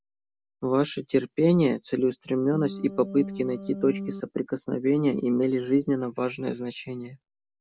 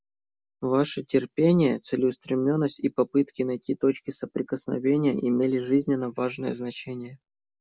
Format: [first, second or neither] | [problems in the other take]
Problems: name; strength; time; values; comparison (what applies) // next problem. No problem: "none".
second | background sound (Organ); 9 dB below the speech